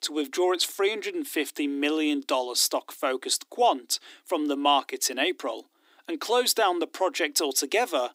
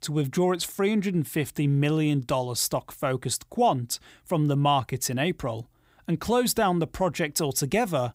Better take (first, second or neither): second